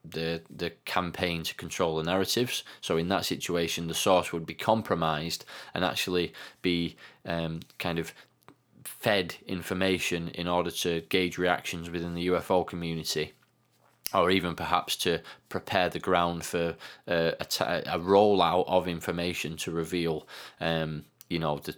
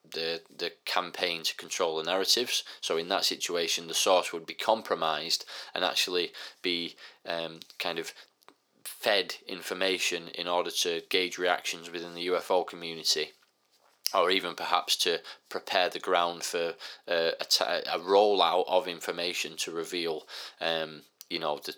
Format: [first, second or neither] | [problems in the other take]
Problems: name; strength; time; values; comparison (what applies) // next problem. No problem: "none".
first | thin; somewhat; fading below 450 Hz